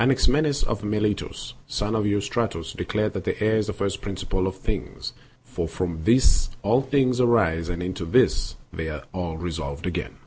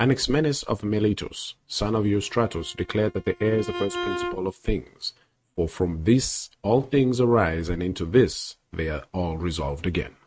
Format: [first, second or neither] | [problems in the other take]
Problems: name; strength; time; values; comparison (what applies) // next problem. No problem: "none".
first | noise reduction (neural mask model RNNoise)